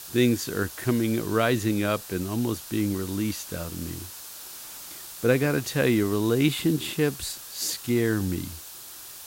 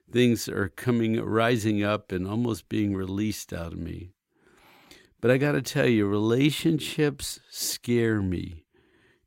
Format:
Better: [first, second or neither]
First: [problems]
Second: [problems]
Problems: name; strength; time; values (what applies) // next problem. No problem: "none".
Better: second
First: hiss; noticeable; throughout; 10 dB below the speech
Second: none